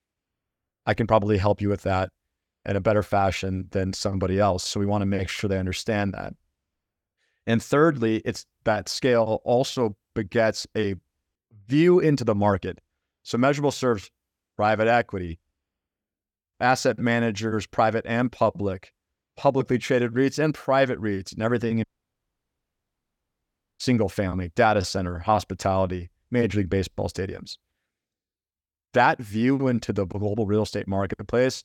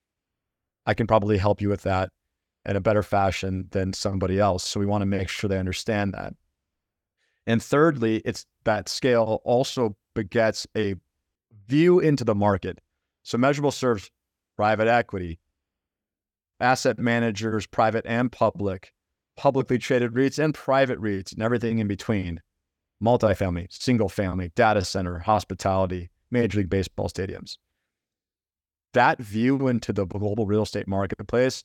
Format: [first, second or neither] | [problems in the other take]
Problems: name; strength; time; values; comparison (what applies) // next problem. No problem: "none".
second | audio cutting out; at 22 s for 2 s